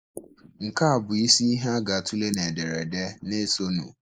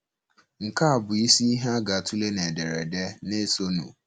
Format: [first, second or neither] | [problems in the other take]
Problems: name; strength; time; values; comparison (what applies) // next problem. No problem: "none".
second | noise reduction (neural mask model Resemble Enhance denoiser)